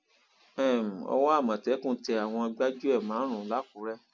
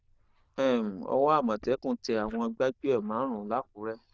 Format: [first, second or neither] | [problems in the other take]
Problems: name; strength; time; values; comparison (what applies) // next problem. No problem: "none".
first | noise reduction (neural diffusion model UNIVERSE++)